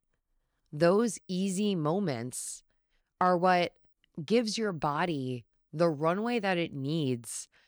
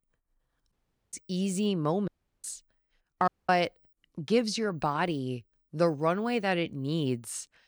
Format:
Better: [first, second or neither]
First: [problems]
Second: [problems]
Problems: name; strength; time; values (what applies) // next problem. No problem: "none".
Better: first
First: none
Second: audio cutting out; at 0.5 s, at 2 s and at 3.5 s